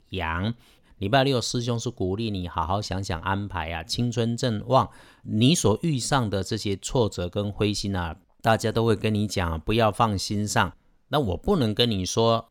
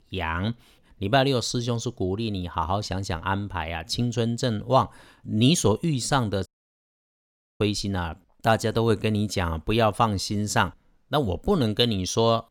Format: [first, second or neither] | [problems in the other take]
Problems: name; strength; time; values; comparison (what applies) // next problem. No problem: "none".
first | audio cutting out; at 6.5 s for 1 s